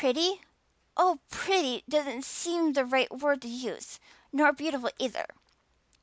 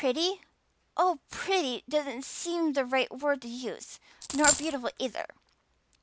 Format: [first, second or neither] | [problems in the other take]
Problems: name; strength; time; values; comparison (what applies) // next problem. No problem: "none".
first | background sound (Coin (dropping)); 2 dB above the speech